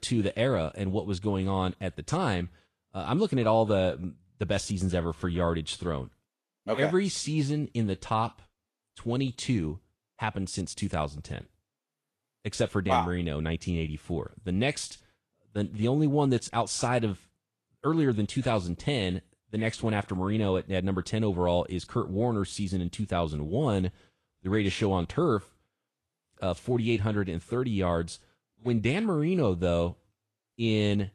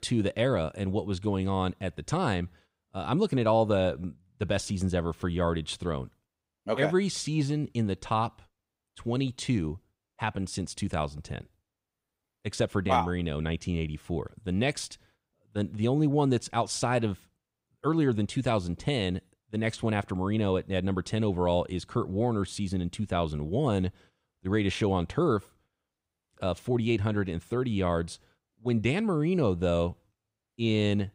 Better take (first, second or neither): second